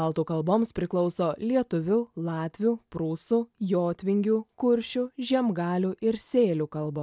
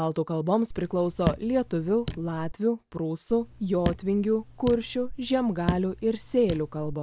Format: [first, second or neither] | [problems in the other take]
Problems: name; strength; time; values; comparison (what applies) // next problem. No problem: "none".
first | background sound (Raindrop / Drip); 8 dB below the speech